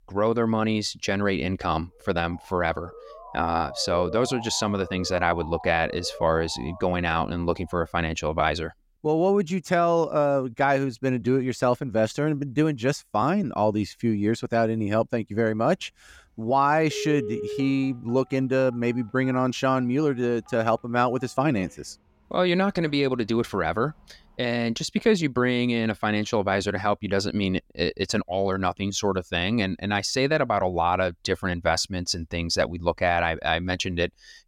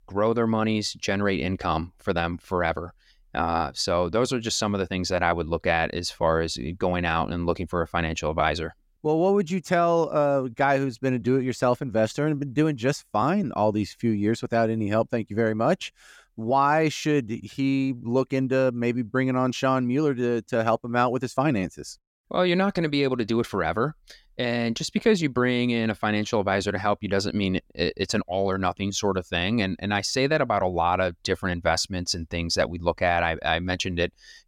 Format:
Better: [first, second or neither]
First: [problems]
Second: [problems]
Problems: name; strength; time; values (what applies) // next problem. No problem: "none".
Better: second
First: siren; faint; from 2 to 7.5 s; peak 10 dB below the speech // phone ringing; noticeable; from 17 to 23 s; peak 7 dB below the speech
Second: none